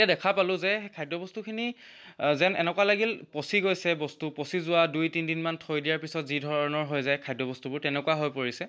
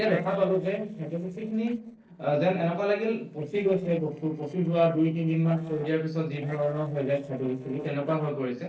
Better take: first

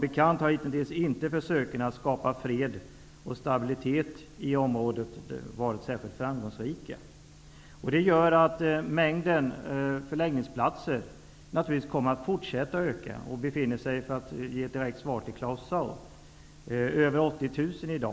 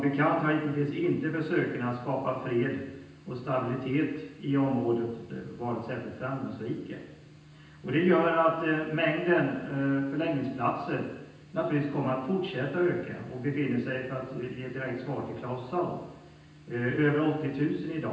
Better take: first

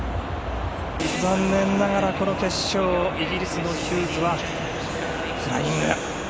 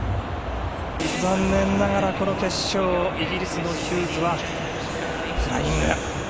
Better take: first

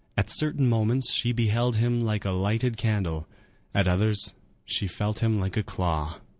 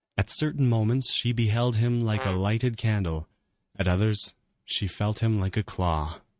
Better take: first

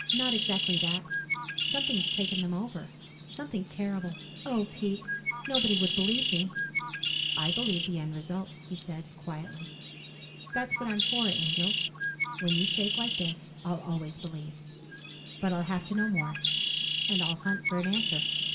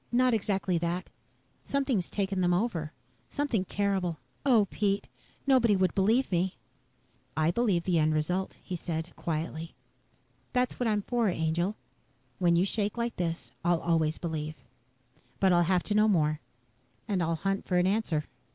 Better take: second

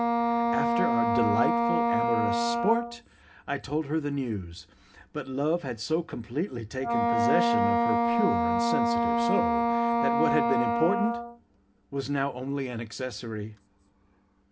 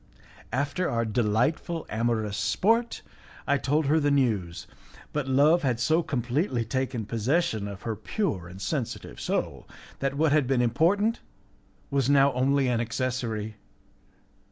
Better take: second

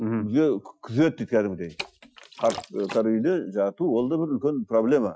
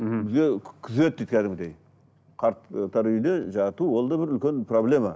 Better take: second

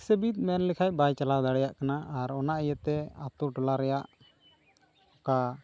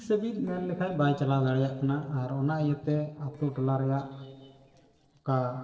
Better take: first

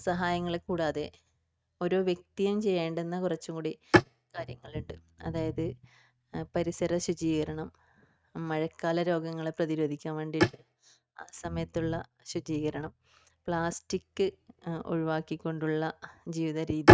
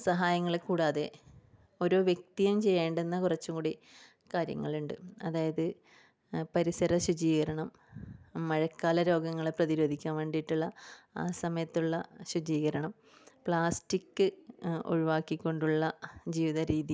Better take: second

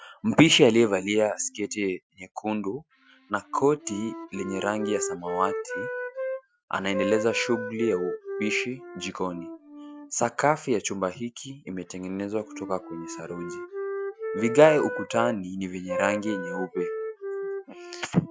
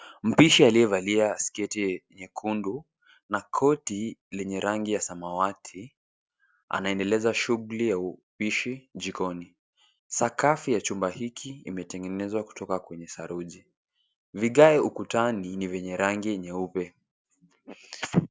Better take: second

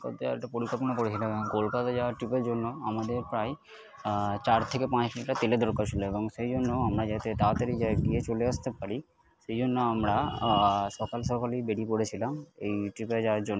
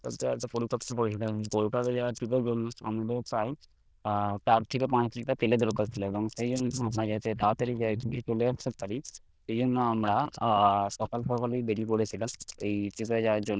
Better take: first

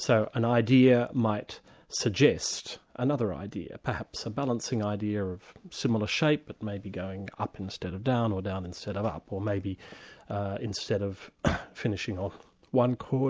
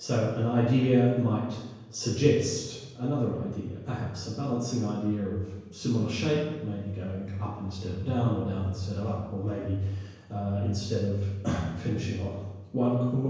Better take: first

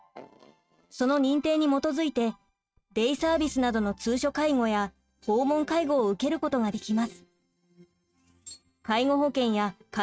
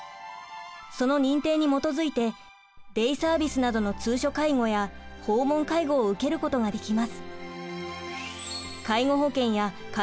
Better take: second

